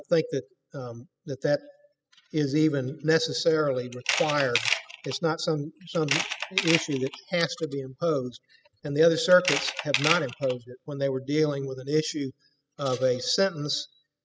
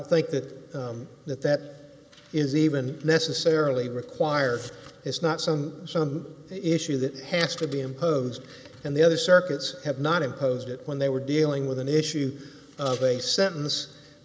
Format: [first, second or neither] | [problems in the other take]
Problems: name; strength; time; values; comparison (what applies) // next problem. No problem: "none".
second | noise reduction (classical method spectral subtraction)